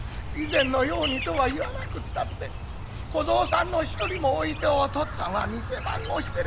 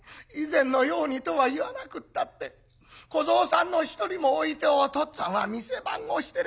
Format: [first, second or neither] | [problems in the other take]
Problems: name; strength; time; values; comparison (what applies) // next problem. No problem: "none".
second | background sound (Chirp, tweet); 5 dB below the speech